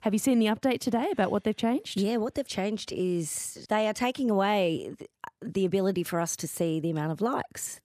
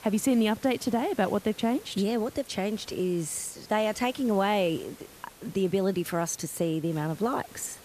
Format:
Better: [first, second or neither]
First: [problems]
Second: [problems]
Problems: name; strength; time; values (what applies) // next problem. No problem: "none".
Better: first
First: none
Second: hiss; faint; throughout; 20 dB below the speech